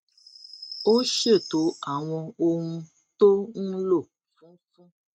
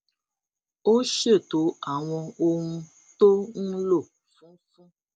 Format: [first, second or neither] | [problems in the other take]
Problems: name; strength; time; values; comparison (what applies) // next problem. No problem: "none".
second | noise reduction (neural mask model RNNoise)